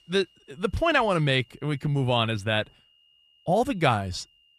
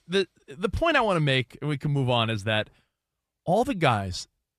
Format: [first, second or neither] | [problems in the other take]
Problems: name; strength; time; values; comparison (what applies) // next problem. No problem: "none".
second | high-pitched whine; faint; throughout; 3 kHz, 35 dB below the speech